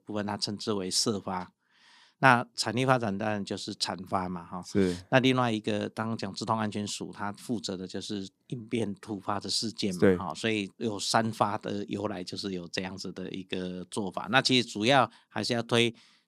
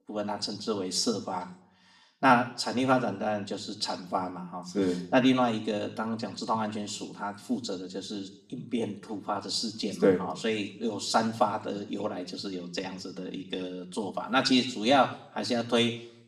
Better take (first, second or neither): first